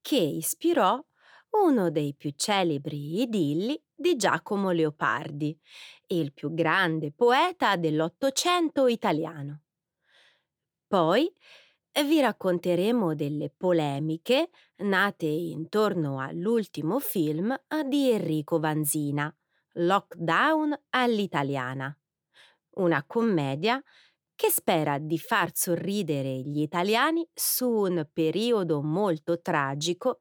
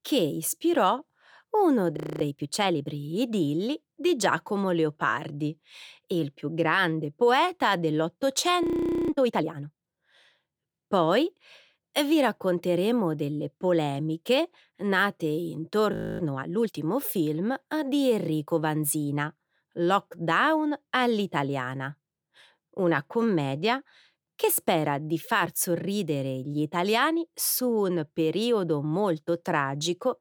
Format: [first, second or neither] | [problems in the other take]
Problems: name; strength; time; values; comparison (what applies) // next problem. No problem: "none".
first | audio freezing; at 2 s, at 8.5 s and at 16 s